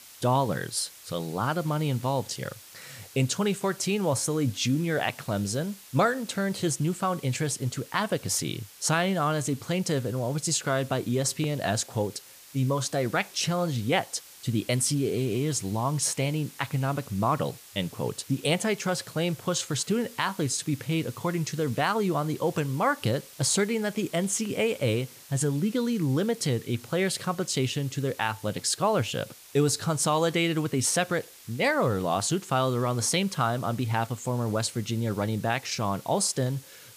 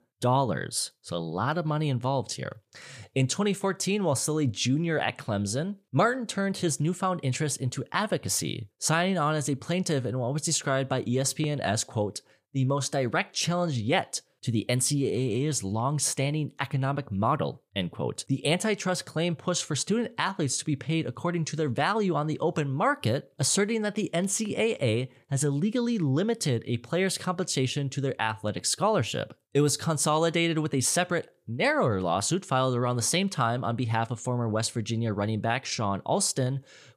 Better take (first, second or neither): second